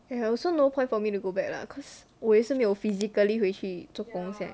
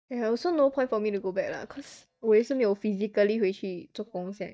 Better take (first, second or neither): first